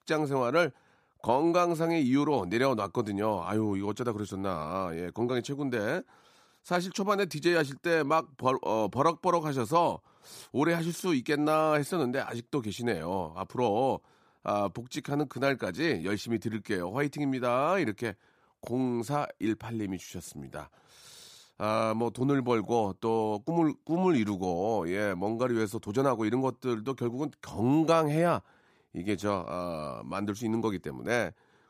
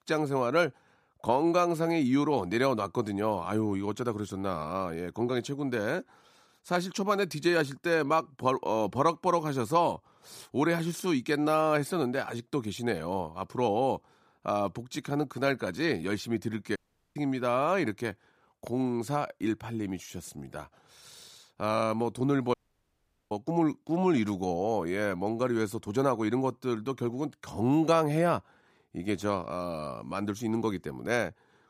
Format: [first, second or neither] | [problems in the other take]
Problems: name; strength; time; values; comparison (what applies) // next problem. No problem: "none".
first | audio cutting out; at 17 s and at 23 s for 1 s